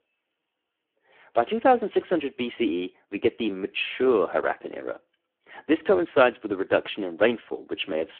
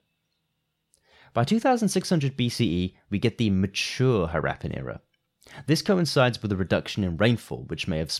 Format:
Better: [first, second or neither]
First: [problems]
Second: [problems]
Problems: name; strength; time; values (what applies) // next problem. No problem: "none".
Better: second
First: phone-call audio; poor line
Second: none